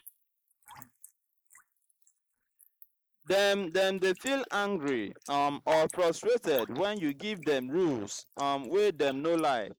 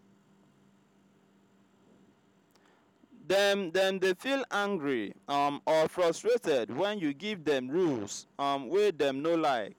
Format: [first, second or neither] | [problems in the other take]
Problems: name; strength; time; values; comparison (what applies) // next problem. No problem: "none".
second | noise reduction (neural mask model Resemble Enhance denoiser)